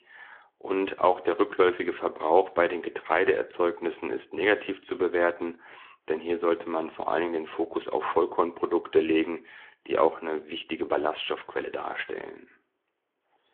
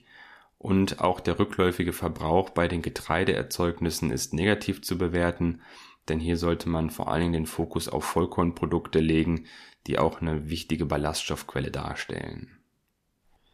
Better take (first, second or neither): second